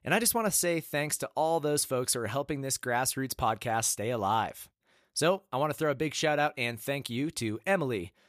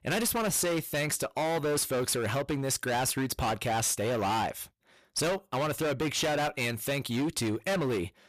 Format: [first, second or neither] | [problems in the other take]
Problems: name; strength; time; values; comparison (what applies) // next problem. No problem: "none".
first | distortion; heavy; 26% of the sound clipped